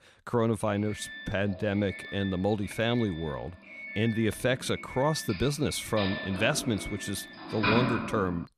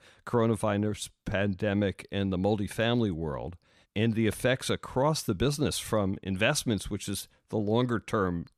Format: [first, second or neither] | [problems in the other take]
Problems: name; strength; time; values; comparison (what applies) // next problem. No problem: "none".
second | doorbell; loud; from 1 s on; peak 3 dB above the speech